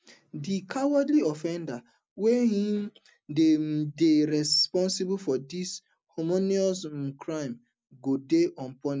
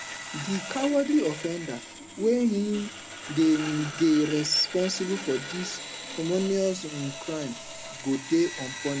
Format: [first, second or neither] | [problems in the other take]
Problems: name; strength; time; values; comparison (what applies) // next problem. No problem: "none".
first | background sound (Sawing); 11 dB below the speech